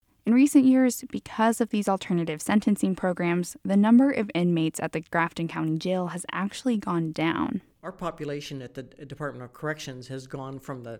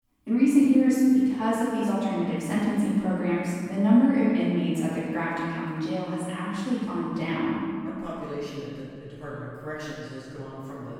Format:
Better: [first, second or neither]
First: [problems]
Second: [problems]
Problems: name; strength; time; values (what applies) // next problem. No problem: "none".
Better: first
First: none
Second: room echo; strong; dies away in 2 s // off-mic speech; far